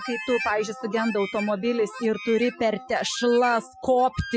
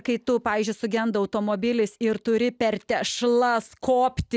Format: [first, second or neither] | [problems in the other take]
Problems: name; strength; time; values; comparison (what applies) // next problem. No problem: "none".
second | noise reduction (classical method Wiener filter)